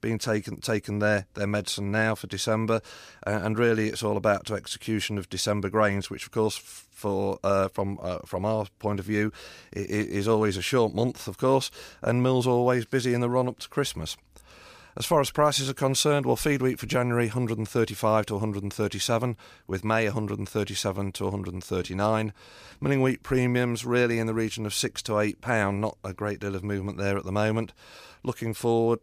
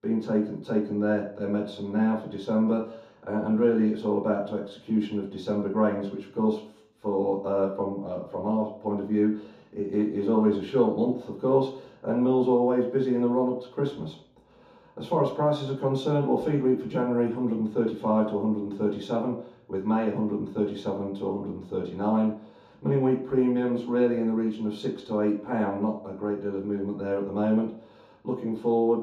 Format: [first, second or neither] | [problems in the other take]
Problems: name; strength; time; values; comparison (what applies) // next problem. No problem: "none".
first | room echo; noticeable; dies away in 0.5 s // off-mic speech; far